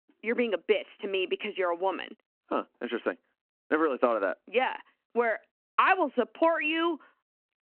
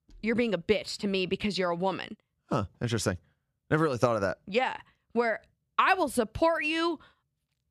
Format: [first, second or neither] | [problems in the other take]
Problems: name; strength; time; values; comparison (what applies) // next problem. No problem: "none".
second | phone-call audio; nothing above 2.5 kHz